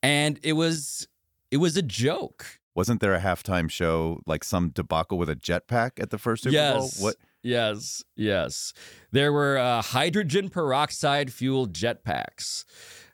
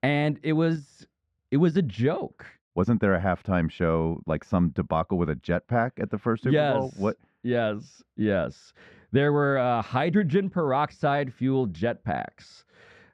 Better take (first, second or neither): first